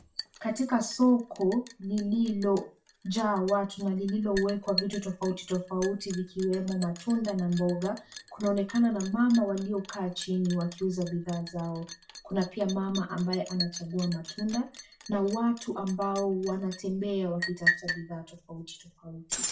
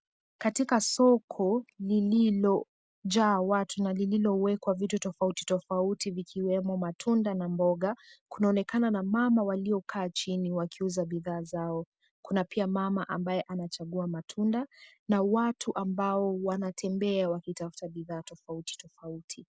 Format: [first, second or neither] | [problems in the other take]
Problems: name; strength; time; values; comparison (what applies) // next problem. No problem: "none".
second | background sound (Liquid); 11 dB below the speech // room echo; dies away in 0.3 s